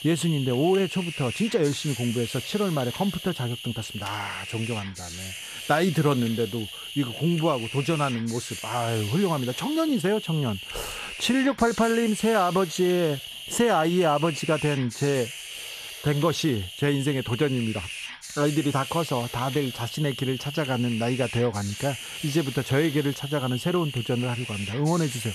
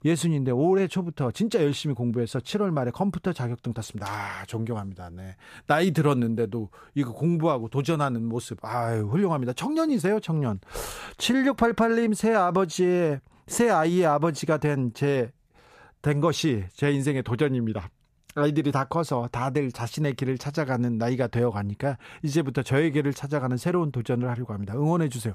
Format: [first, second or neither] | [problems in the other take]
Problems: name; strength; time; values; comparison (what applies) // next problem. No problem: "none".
second | hiss; loud; throughout; 9 dB below the speech